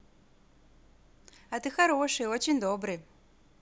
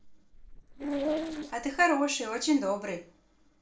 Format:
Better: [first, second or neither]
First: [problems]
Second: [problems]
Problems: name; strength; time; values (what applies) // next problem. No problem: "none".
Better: first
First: none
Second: noise reduction (neural separator model SepFormer DNS4)